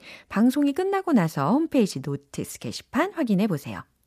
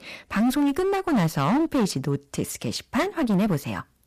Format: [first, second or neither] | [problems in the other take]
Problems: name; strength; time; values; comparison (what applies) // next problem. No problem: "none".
first | distortion; heavy; 18% of the sound clipped